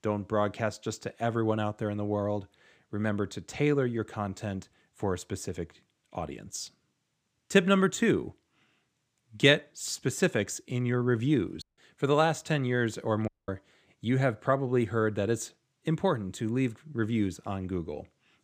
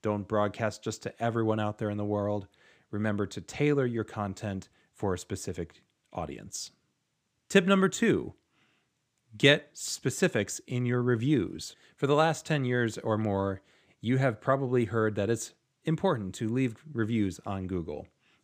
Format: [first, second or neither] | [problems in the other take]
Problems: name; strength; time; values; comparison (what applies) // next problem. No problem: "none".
second | audio cutting out; at 12 s and at 13 s